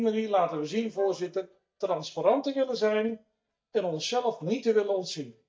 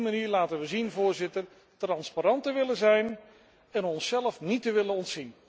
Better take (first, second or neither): second